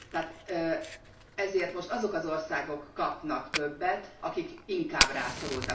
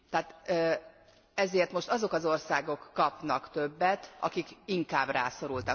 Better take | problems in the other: second | background sound (Fire); 5 dB below the speech // room echo; dies away in 0.4 s

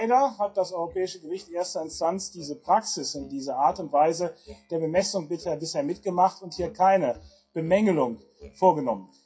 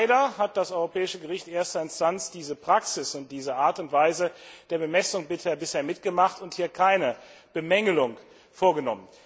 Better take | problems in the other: second | noise reduction (classical method WPE with log-MMSE)

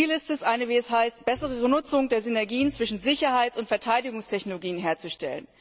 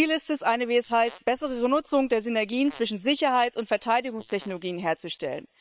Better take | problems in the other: first | noise reduction (neural separator model SepFormer WHAM!)

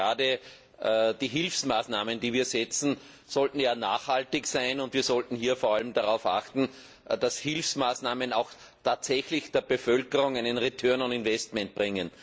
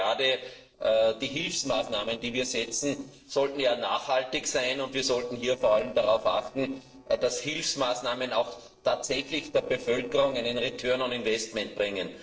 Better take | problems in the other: first | noise reduction (neural separator model SepFormer DNS4)

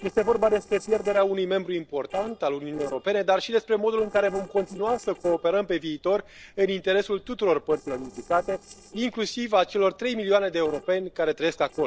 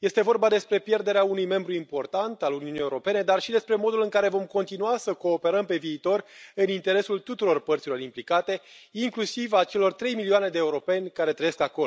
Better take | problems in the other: second | noise reduction (neural separator model SepFormer DNS4)

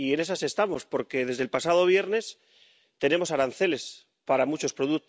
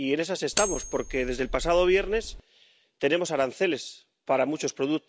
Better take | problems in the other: first | background sound (Cutlery, silverware); 7 dB below the speech

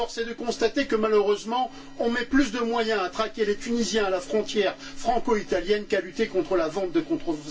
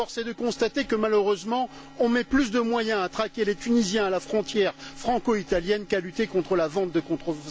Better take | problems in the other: second | room echo; dies away in 0.2 s

